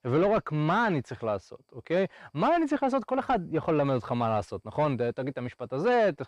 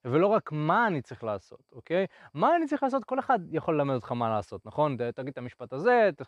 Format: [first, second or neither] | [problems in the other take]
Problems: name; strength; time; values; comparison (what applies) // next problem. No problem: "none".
second | distortion; slight; 10 dB below the speech